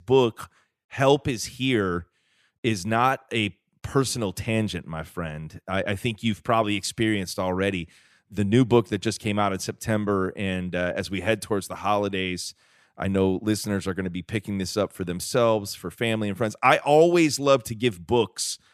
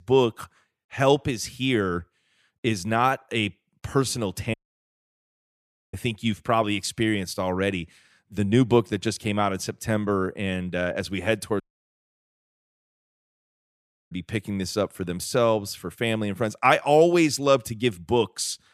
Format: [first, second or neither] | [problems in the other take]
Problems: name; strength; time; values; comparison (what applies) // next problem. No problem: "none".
first | audio cutting out; at 4.5 s for 1.5 s and at 12 s for 2.5 s